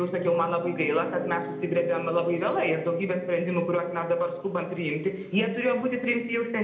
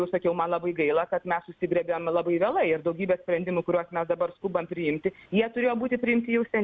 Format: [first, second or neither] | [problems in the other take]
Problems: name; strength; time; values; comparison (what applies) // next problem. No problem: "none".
second | background sound (Piano); 14 dB below the speech // room echo; dies away in 0.8 s